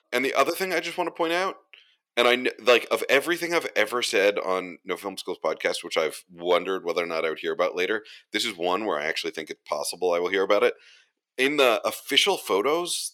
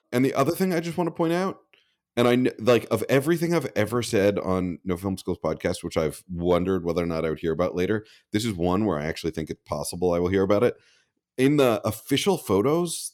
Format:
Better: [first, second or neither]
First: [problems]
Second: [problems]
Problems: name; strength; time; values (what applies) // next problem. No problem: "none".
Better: second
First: thin; somewhat; fading below 500 Hz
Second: none